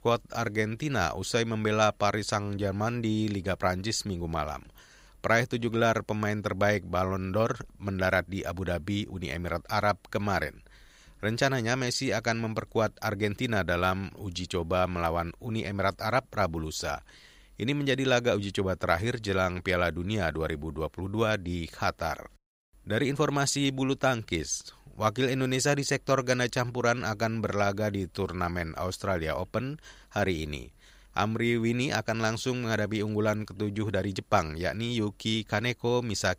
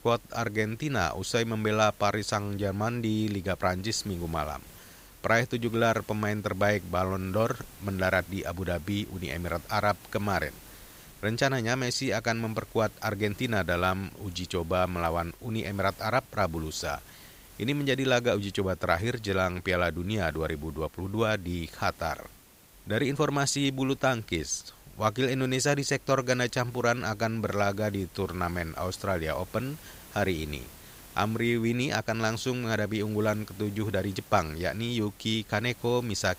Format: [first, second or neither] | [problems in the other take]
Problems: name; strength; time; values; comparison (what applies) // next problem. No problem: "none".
first | hiss; faint; throughout; 20 dB below the speech